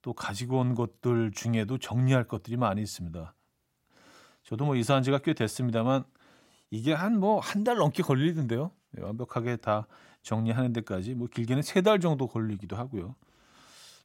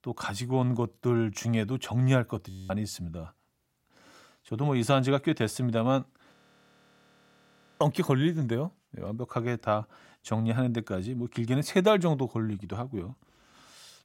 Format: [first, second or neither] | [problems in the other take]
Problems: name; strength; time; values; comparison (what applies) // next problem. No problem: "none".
first | audio freezing; at 2.5 s and at 6.5 s for 1.5 s